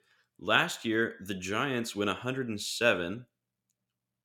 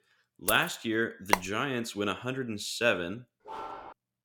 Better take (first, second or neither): first